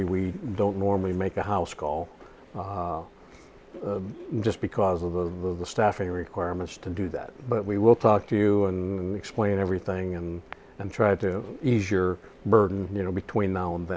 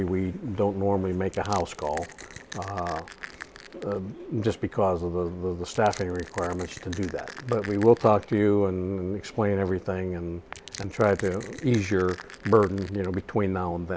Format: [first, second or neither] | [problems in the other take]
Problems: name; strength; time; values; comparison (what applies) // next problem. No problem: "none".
first | background sound (Crushing); 17 dB below the speech